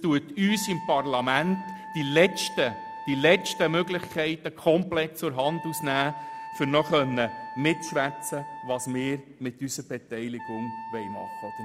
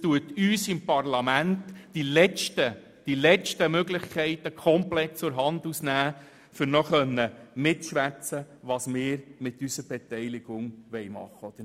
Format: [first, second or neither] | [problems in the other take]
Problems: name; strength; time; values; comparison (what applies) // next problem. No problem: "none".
second | background sound (Wind instrument, woodwind instrument); 13 dB below the speech